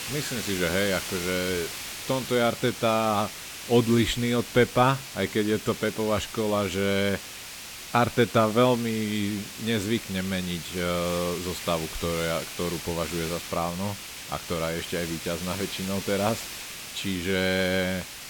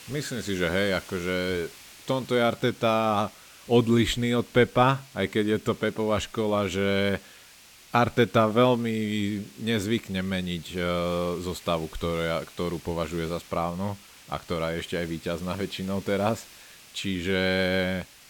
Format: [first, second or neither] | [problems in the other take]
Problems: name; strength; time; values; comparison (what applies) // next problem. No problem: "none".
second | hiss; loud; throughout; 8 dB below the speech; faint in the second